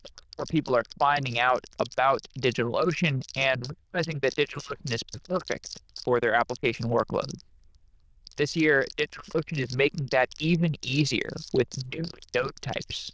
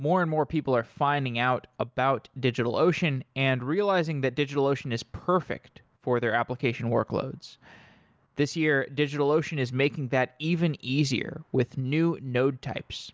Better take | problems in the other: second | noise reduction (neural diffusion model UNIVERSE++)

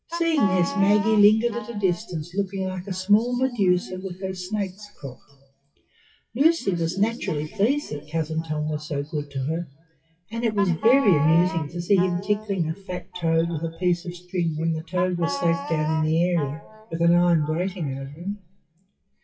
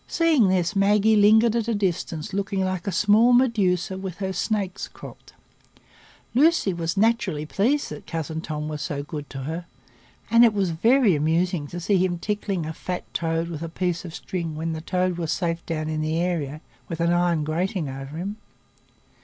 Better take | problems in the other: second | noise reduction (classical method WPE with log-MMSE)

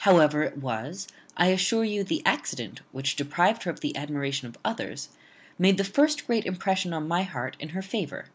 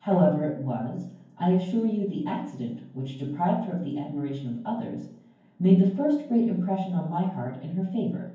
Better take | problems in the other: first | room echo; dies away in 0.9 s

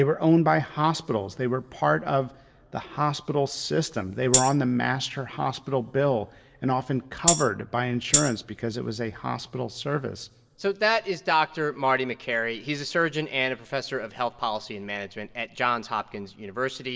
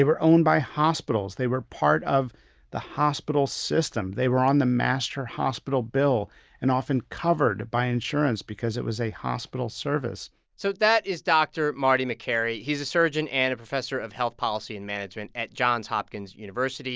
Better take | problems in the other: second | background sound (Tambourine); 3 dB above the speech // room echo; dies away in 1 s

